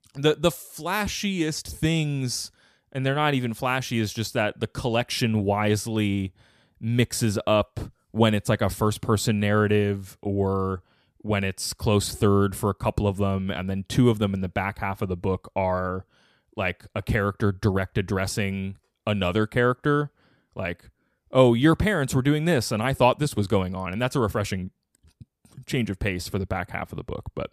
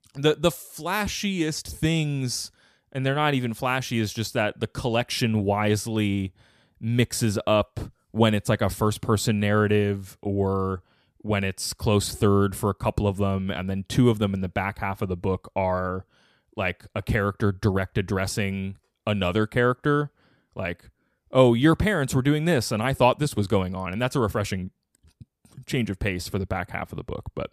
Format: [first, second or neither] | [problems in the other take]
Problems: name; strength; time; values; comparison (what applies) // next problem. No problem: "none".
neither | none